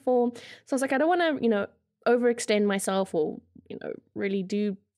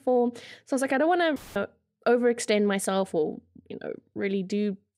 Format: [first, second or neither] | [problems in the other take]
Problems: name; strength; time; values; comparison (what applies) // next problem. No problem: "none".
first | audio cutting out; filled with static; at 1.5 s